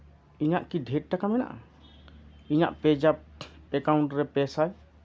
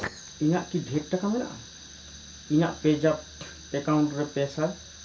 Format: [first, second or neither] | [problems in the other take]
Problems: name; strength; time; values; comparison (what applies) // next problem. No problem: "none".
first | background sound (Fire); 16 dB below the speech // room echo; dies away in 0.3 s